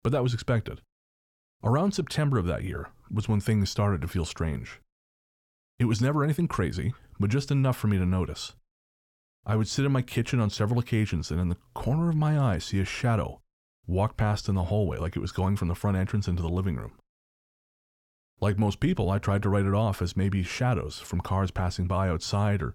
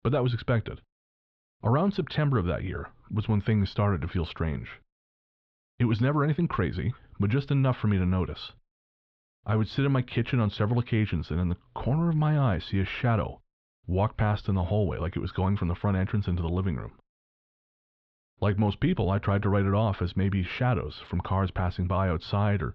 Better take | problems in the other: first | muffled; slightly; fading above 4 kHz

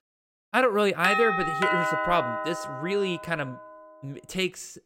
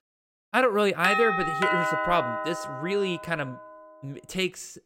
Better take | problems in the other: neither | doorbell; loud; from 1 to 3.5 s; peak 3 dB above the speech; the same in both

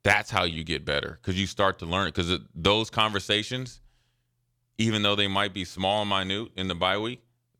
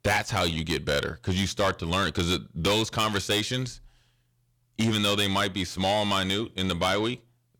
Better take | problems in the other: first | distortion; heavy; 6 dB below the speech

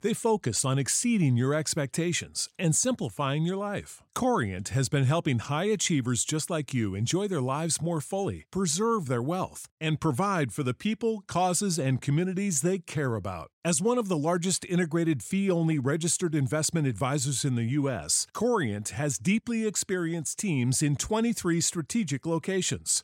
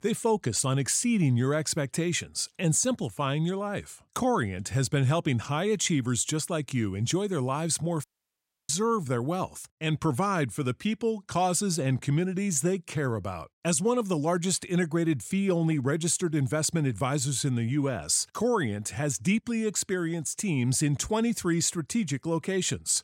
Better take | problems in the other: first | audio cutting out; at 8 s for 0.5 s

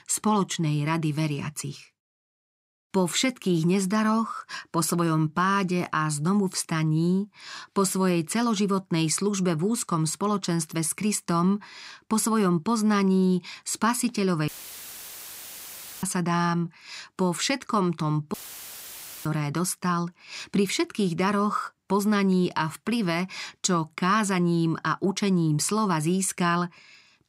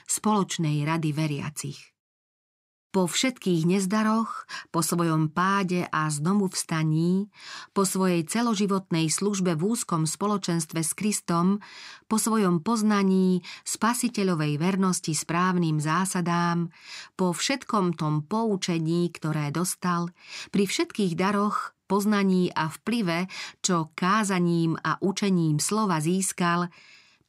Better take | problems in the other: second | audio cutting out; filled with static; at 14 s for 1.5 s and at 18 s for 1 s

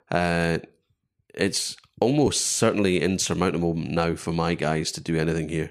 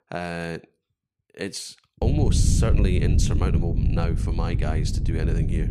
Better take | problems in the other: first | wind noise on the microphone; faint; from 2 s on; 5 dB below the speech

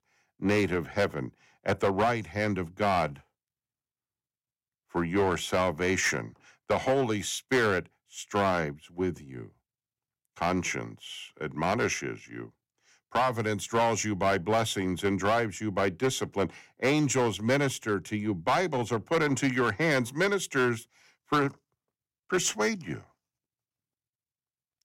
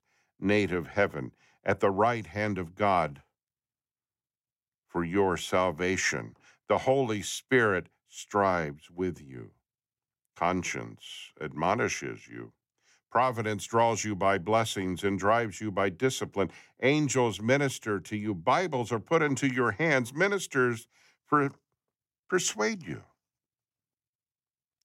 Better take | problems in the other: second | distortion; slight; 5% of the sound clipped

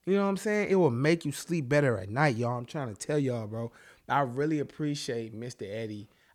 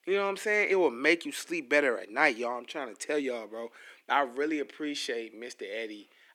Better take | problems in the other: first | thin; somewhat; fading below 300 Hz

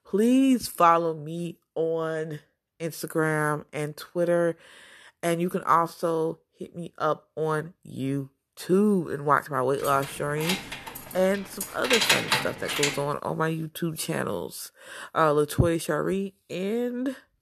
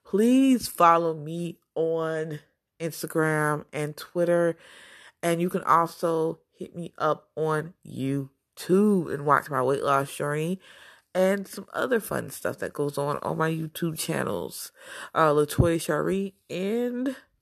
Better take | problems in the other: second | jangling keys; loud; from 10 to 13 s; peak 6 dB above the speech

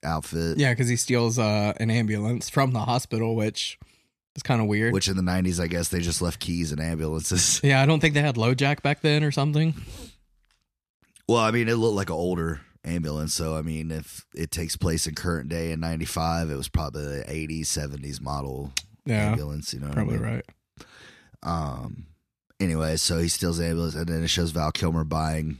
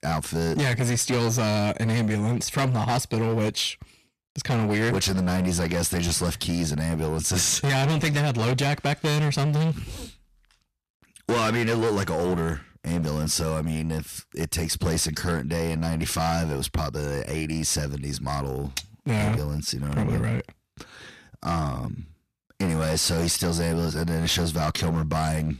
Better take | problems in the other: first | distortion; heavy; 18% of the sound clipped

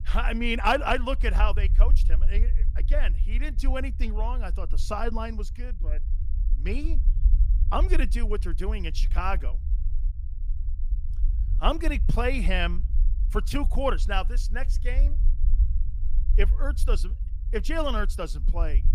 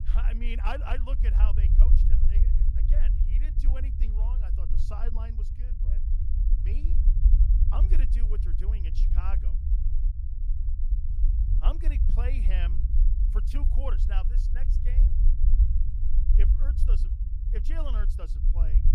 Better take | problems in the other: first | low rumble; loud; throughout; 5 dB below the speech; faint in the first

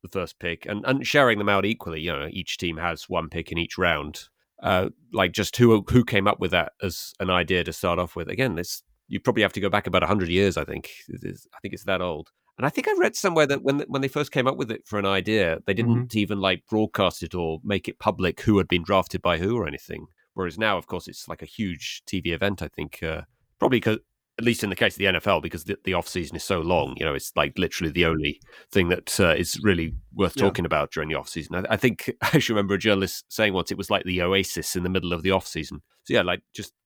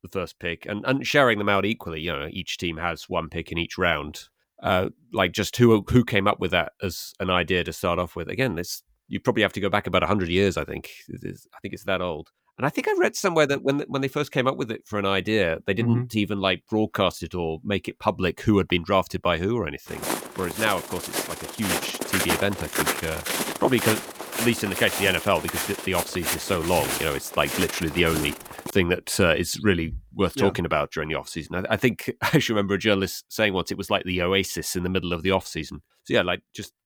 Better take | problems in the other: first | footsteps; loud; from 20 to 29 s; peak 1 dB above the speech

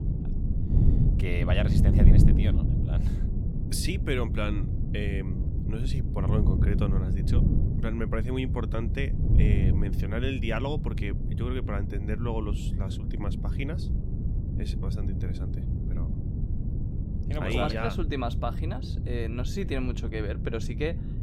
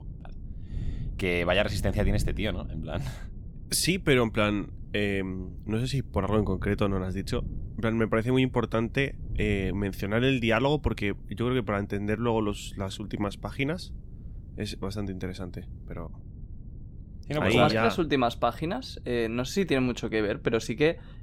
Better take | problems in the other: second | wind noise on the microphone; heavy; 5 dB below the speech; occasional gusts in the second

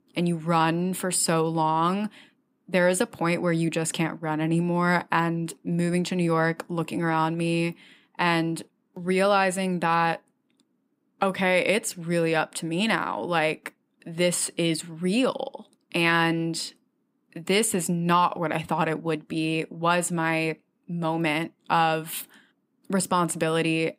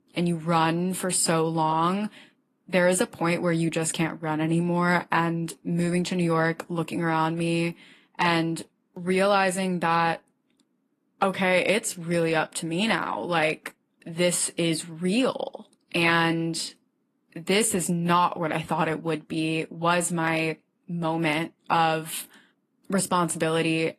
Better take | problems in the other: first | garbled, watery; slightly

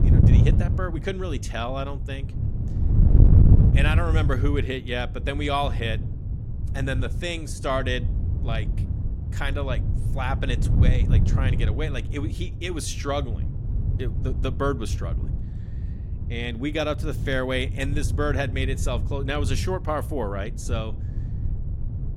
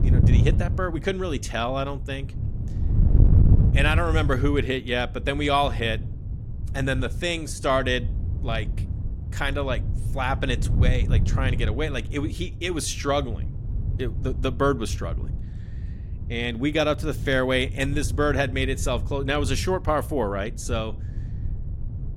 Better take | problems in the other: second | wind noise on the microphone; heavy; 9 dB below the speech; occasional gusts in the second

